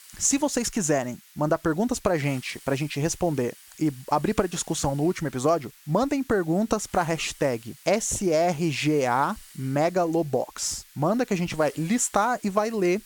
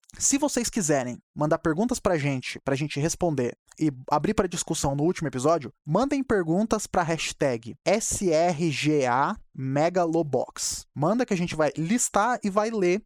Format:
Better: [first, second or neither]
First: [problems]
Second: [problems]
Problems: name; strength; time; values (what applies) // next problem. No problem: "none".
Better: second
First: hiss; faint; throughout; 20 dB below the speech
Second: none